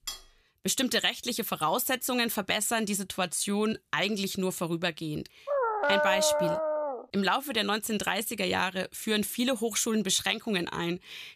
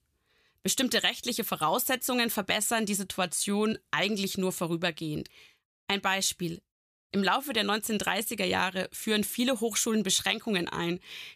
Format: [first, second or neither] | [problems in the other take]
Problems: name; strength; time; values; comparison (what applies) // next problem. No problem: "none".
second | clattering dishes; faint; at the start; peak 10 dB below the speech // dog barking; loud; from 5.5 to 7 s; peak 3 dB above the speech